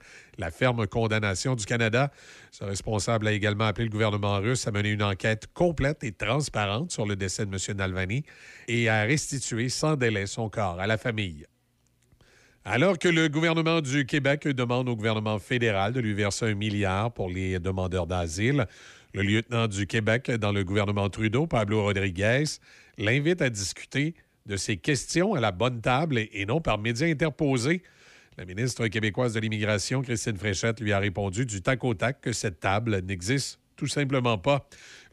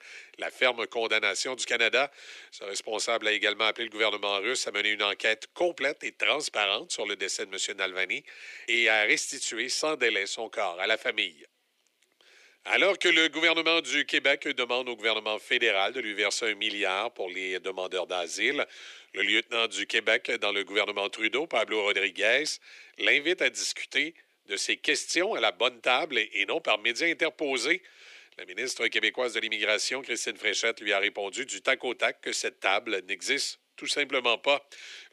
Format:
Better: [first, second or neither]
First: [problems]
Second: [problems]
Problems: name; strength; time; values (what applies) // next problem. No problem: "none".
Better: first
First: none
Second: thin; very; fading below 350 Hz